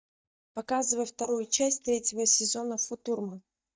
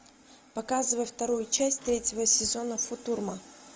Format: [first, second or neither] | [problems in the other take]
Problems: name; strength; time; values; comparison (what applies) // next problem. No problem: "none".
second | noise reduction (neural mask model DeepFilterNet 3)